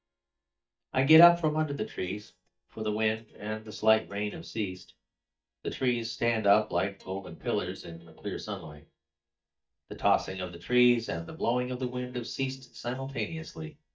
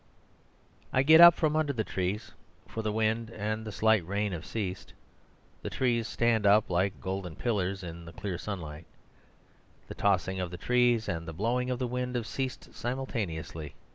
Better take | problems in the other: second | noise reduction (neural mask model DeepFilterNet 3)

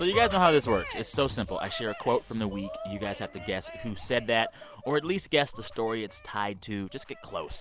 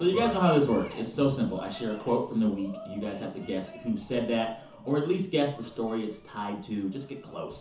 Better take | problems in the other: first | room echo; dies away in 0.9 s

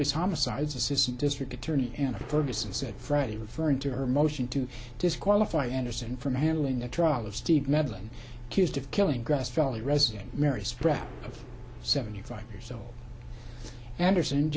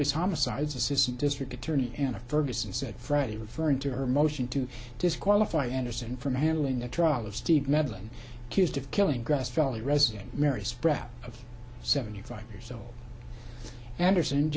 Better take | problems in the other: second | background sound (Gunshot, gunfire); 17 dB below the speech

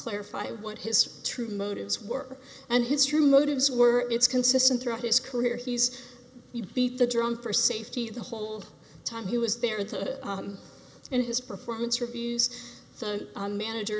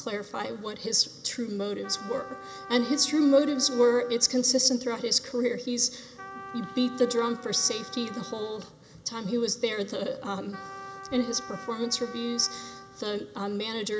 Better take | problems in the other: first | background sound (Trumpet); 17 dB below the speech

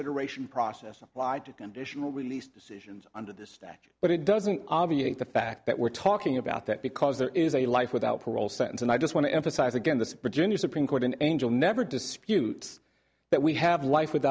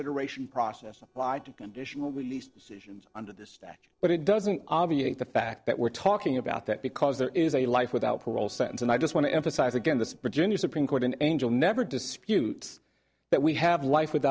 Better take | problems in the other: first | noise reduction (neural separator model SepFormer DNS4)

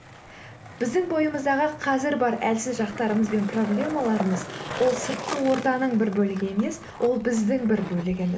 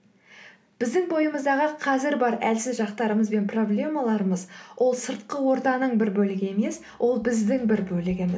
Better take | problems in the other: second | background sound (Skateboard); 13 dB below the speech

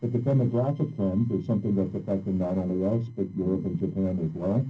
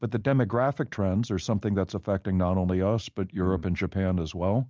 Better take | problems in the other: second | noise reduction (neural separator model SepFormer DNS4)

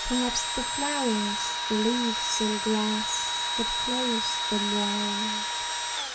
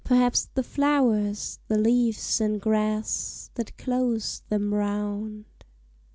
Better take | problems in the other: second | background sound (Engine / Drill); 1 dB above the speech // room echo; dies away in 0.2 s

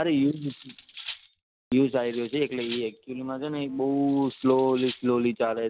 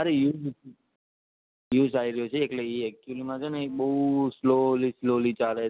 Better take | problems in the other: second | background sound (Cutlery, silverware); 18 dB below the speech

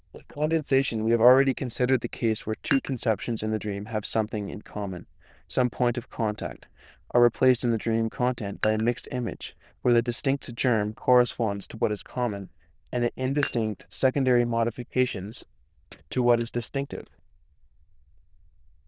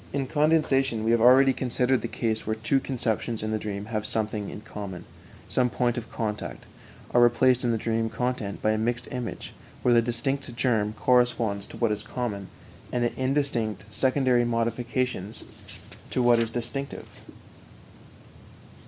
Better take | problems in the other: second | noise reduction (neural diffusion model UNIVERSE++)

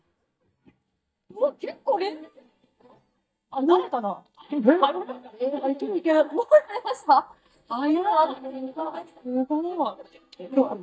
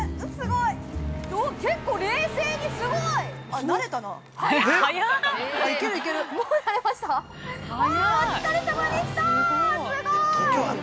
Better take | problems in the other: second | noise reduction (neural mask model DeepFilterNet 3)

